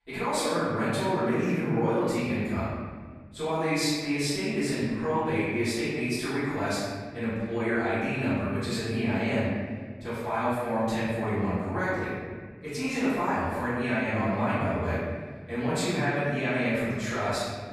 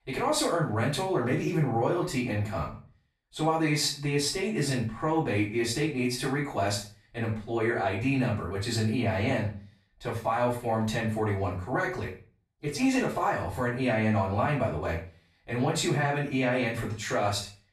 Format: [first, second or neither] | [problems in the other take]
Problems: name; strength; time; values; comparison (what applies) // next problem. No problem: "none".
second | room echo; strong; dies away in 1.7 s; slight in the second // off-mic speech; far; far in the second